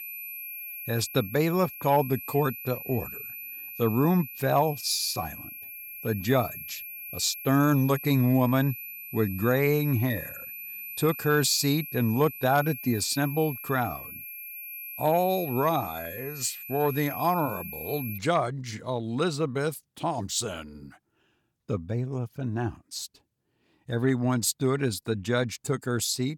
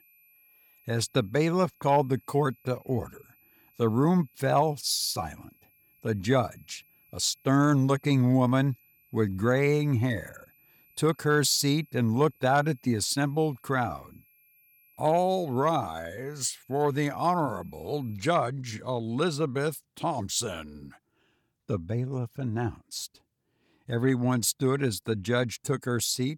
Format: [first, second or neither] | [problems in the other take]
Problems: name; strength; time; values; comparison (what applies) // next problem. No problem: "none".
second | high-pitched whine; loud; until 18 s; 12 kHz, 10 dB below the speech; faint in the second